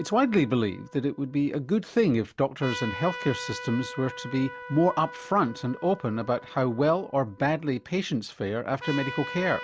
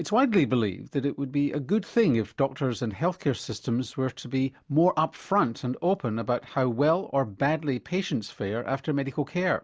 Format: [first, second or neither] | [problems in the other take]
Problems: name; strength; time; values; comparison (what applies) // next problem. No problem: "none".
second | background sound (Trumpet); 14 dB below the speech